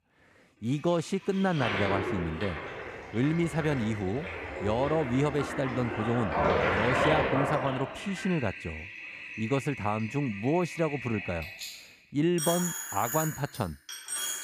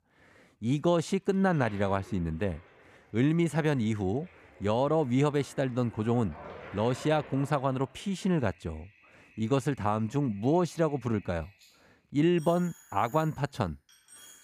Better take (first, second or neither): second